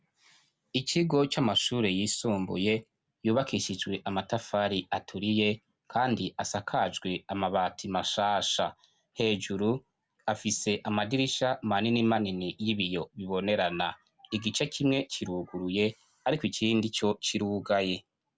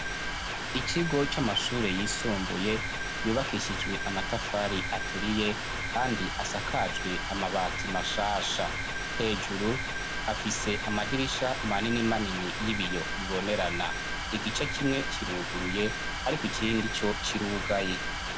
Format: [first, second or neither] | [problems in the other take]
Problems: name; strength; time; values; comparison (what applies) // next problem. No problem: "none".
first | background sound (Mechanisms); 1 dB below the speech